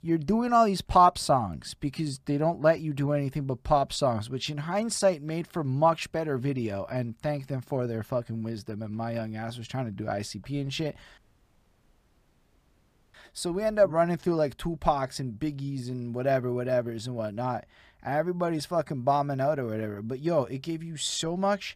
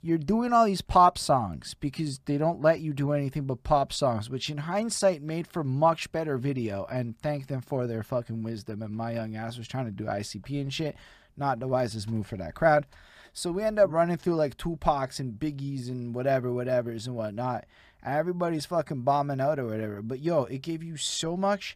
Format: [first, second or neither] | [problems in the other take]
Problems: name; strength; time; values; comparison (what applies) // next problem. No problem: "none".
second | audio cutting out; at 11 s for 2 s